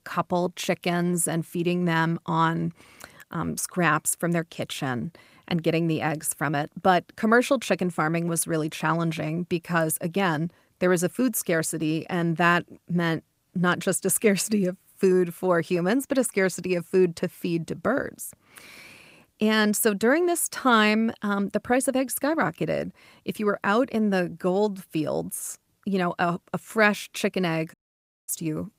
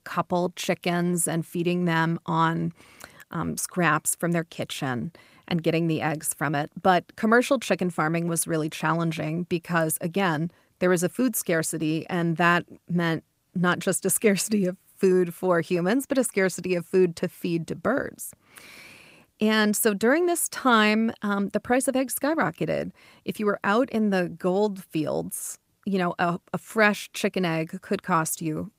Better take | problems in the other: second | audio cutting out; at 28 s for 0.5 s

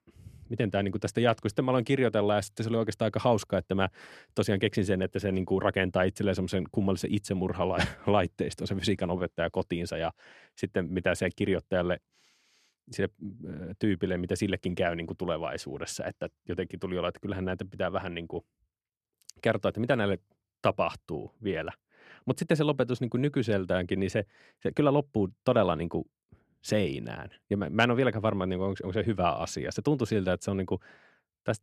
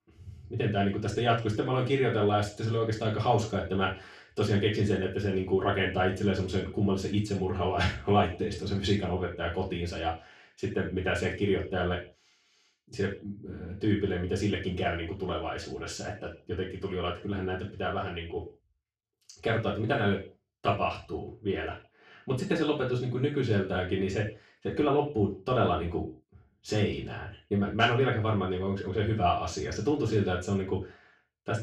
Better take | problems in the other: first | room echo; noticeable; dies away in 0.3 s // off-mic speech; far

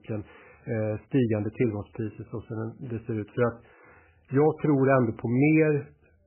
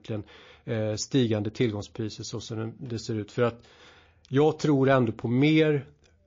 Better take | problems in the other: second | garbled, watery; badly; nothing above 2.5 kHz; slightly in the second

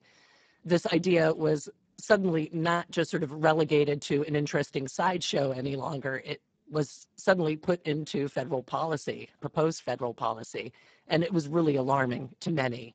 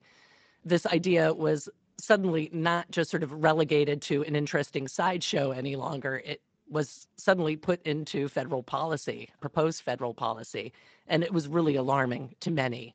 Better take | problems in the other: second | garbled, watery; badly; nothing above 7.5 kHz; slightly in the second

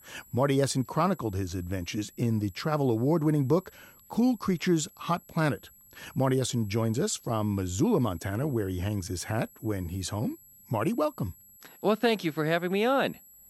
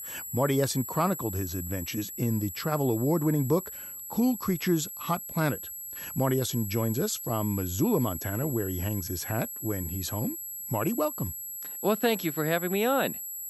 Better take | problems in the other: first | high-pitched whine; loud; throughout; 11.5 kHz, 7 dB below the speech; faint in the first

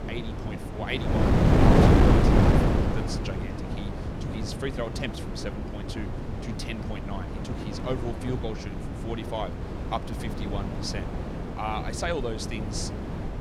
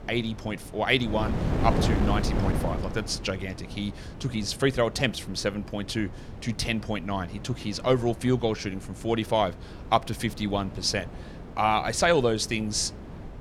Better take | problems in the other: second | wind noise on the microphone; heavy; 4 dB above the speech; occasional gusts in the second

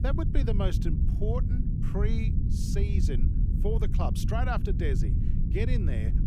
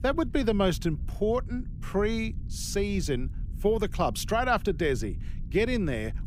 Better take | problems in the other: second | low rumble; loud; throughout; 5 dB below the speech; faint in the second

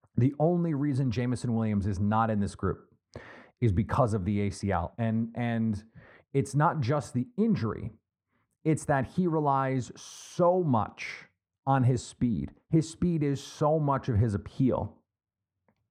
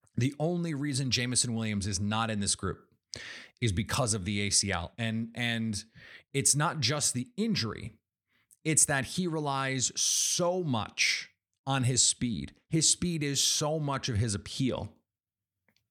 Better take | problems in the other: second | muffled; very; fading above 2 kHz

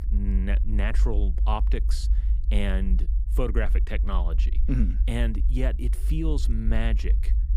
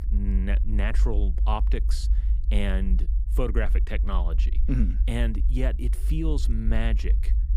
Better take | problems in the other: neither | low rumble; noticeable; throughout; 15 dB below the speech; the same in both

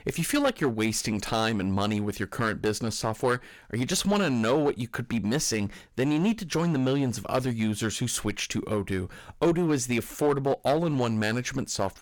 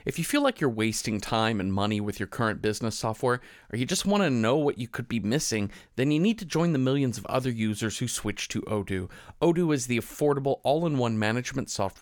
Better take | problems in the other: second | distortion; slight; 7% of the sound clipped

